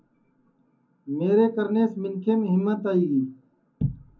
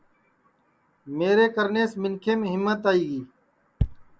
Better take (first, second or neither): second